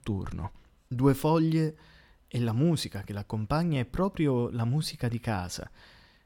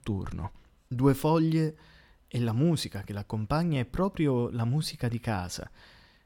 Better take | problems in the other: neither | none

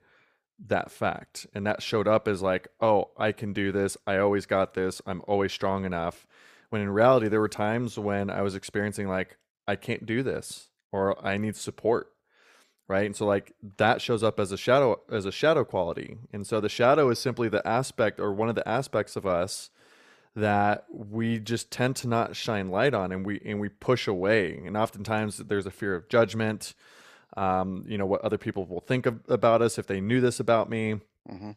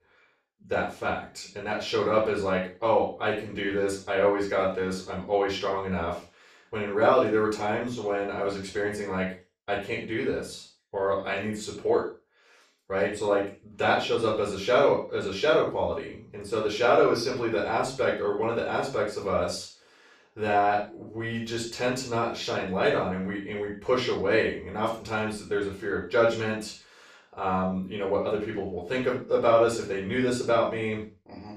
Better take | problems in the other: first | room echo; noticeable; dies away in 0.3 s // off-mic speech; far

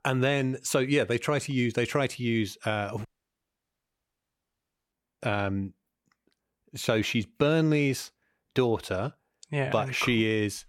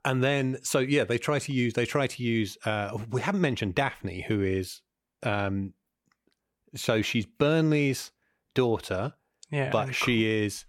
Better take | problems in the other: second | audio cutting out; at 3 s for 2 s

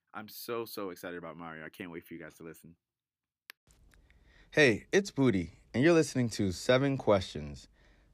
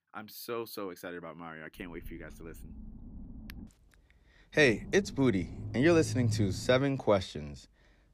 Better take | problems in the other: first | low rumble; faint; from 2 to 3.5 s and from 4.5 to 7 s; 20 dB below the speech

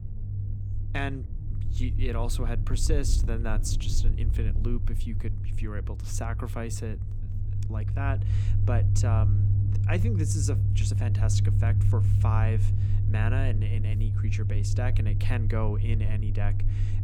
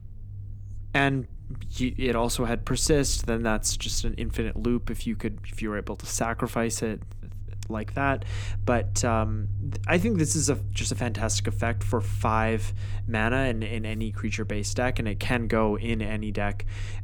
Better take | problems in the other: second | low rumble; loud; throughout; 4 dB below the speech; faint in the second

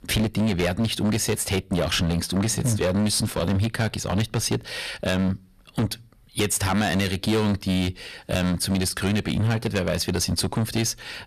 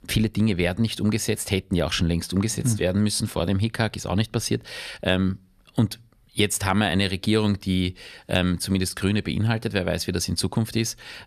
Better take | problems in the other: second | distortion; heavy; 15% of the sound clipped

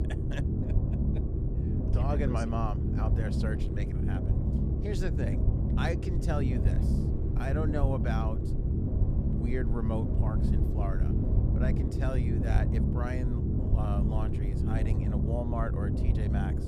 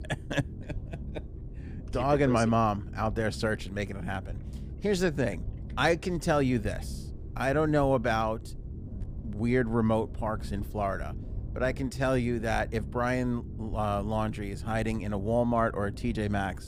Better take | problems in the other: second | low rumble; loud; throughout; 1 dB below the speech; faint in the second

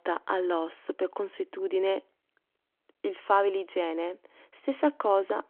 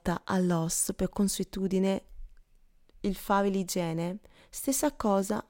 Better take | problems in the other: second | phone-call audio

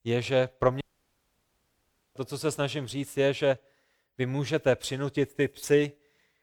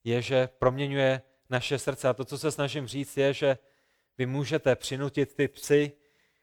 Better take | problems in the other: second | audio cutting out; at 1 s for 1.5 s

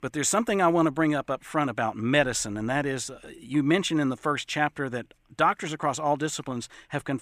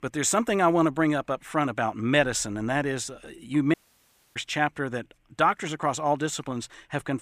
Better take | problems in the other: first | audio cutting out; at 3.5 s for 0.5 s

